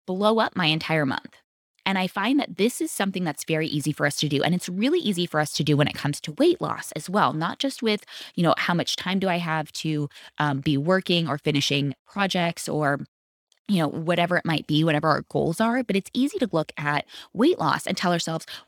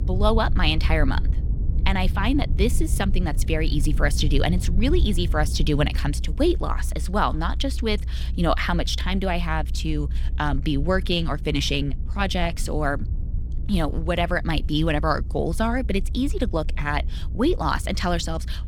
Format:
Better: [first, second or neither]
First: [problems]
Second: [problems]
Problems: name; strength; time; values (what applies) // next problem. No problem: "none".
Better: first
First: none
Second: low rumble; noticeable; throughout; 20 dB below the speech